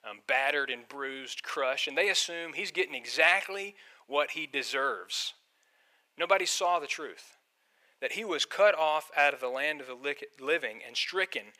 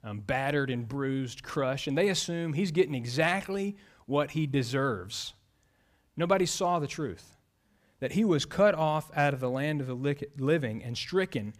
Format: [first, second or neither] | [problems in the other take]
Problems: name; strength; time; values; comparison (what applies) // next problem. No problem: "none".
second | thin; very; fading below 500 Hz